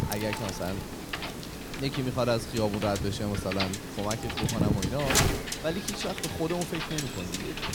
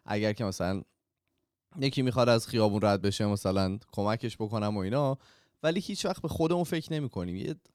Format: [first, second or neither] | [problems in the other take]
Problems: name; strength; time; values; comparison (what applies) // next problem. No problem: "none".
second | wind noise on the microphone; heavy; as loud as the speech